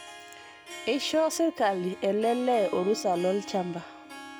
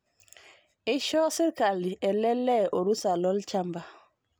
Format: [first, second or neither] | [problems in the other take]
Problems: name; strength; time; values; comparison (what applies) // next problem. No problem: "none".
second | background sound (Harp); 15 dB below the speech